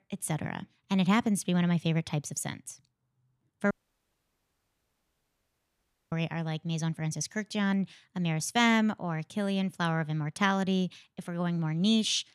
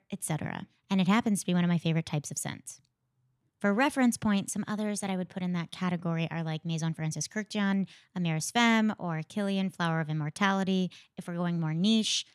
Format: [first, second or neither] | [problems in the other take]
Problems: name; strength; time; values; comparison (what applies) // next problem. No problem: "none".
second | audio cutting out; at 3.5 s for 2.5 s